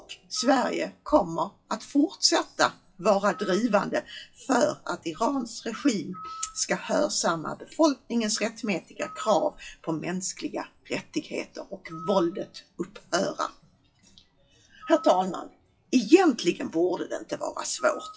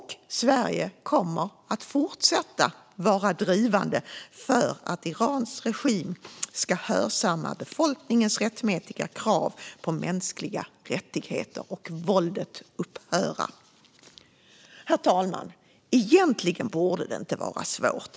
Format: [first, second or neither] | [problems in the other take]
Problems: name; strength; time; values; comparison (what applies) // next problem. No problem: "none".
second | noise reduction (classical method WPE with log-MMSE)